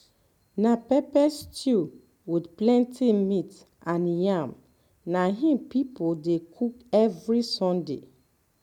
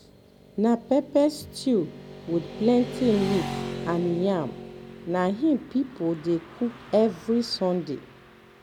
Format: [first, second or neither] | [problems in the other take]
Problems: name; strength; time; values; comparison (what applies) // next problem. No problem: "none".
first | background sound (Motorcycle / Traffic noise, roadway noise); 12 dB below the speech